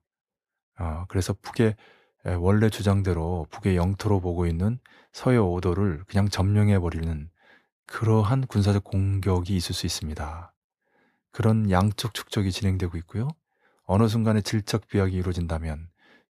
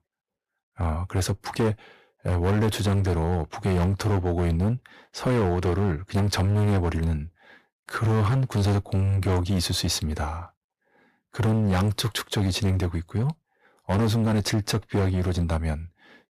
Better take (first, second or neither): first